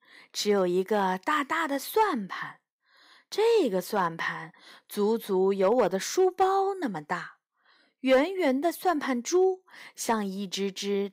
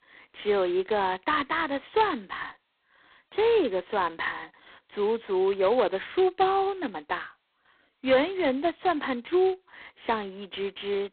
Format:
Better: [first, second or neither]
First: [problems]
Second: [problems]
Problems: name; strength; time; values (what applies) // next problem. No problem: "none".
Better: first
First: none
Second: phone-call audio; poor line; nothing above 4 kHz